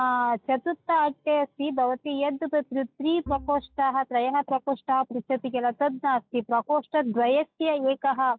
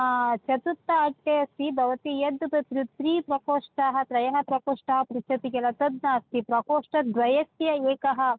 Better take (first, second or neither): second